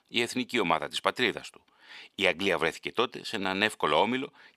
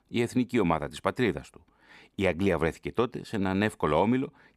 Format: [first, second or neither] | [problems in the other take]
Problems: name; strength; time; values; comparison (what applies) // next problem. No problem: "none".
second | thin; somewhat; fading below 700 Hz